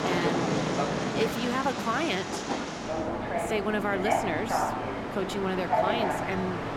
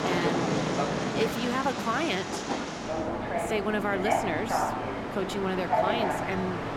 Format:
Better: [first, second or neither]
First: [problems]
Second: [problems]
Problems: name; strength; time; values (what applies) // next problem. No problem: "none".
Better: neither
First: train or aircraft noise; very loud; throughout; 1 dB above the speech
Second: train or aircraft noise; very loud; throughout; 1 dB above the speech